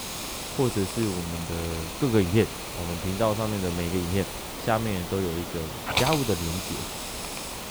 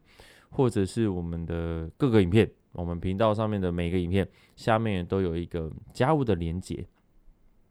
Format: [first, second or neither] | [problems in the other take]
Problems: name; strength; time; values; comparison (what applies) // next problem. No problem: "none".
second | hiss; loud; throughout; 4 dB below the speech